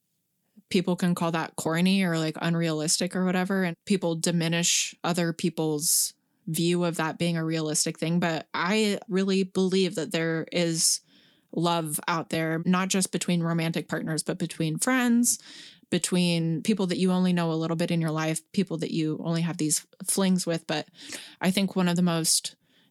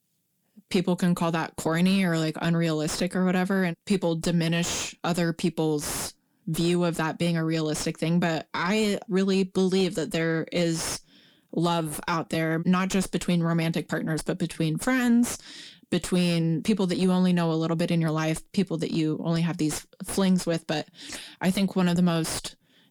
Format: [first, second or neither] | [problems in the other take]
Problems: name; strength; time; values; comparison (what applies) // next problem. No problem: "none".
first | distortion; slight; 9 dB below the speech